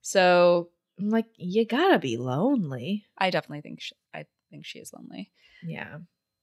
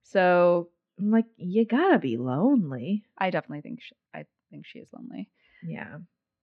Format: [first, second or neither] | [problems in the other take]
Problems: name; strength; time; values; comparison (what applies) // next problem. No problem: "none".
first | muffled; very; fading above 2 kHz